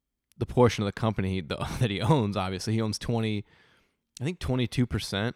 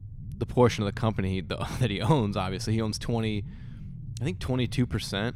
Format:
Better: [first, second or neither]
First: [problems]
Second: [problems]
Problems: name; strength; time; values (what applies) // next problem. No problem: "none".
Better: first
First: none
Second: low rumble; faint; throughout; 25 dB below the speech